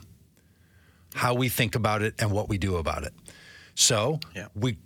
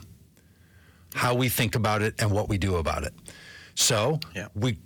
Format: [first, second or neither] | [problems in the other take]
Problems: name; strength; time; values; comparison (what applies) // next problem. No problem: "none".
first | distortion; slight; 10 dB below the speech